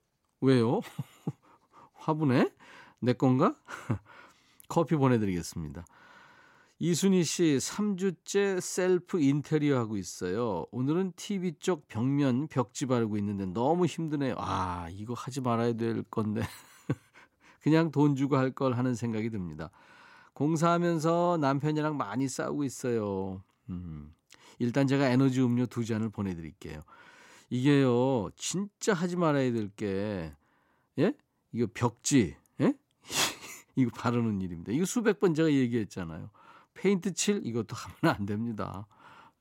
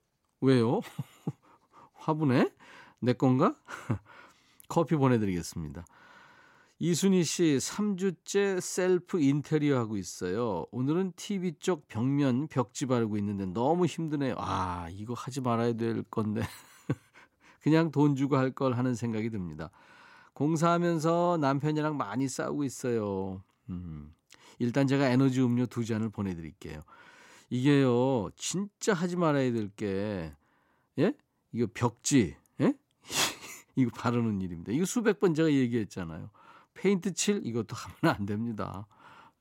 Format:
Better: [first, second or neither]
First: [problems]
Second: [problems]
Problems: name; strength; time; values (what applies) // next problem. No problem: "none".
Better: neither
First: none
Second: none